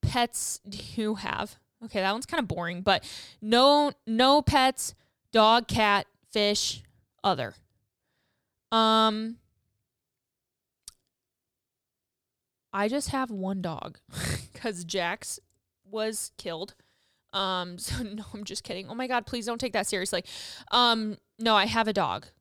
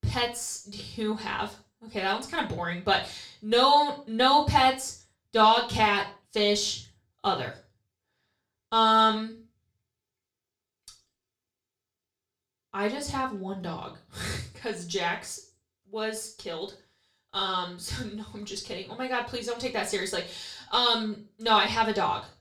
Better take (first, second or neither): first